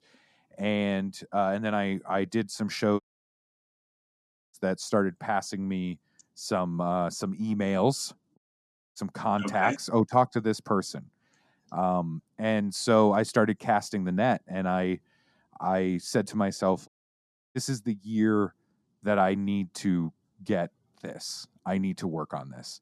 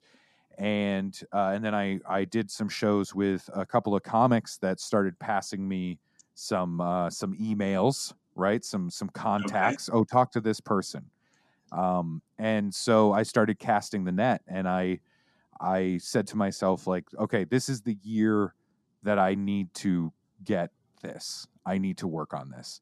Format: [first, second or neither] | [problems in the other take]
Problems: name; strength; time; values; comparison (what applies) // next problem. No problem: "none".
second | audio cutting out; at 3 s for 1.5 s, at 8.5 s for 0.5 s and at 17 s for 0.5 s